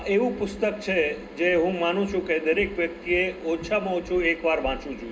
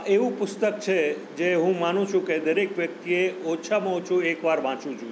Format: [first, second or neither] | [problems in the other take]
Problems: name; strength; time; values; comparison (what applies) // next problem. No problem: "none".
second | background sound (Walk, footsteps); 19 dB below the speech // room echo; dies away in 0.2 s